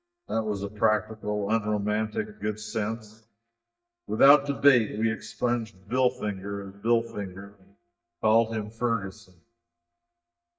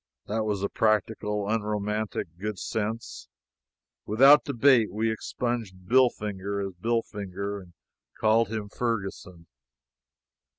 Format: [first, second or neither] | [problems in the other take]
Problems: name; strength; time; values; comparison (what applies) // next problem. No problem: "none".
second | noise reduction (neural mask model DeepFilterNet 3)